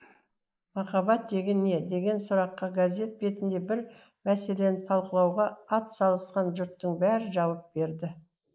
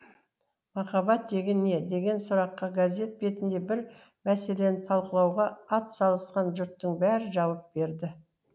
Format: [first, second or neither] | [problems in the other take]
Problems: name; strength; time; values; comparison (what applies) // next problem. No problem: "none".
second | noise reduction (neural mask model Resemble Enhance denoiser)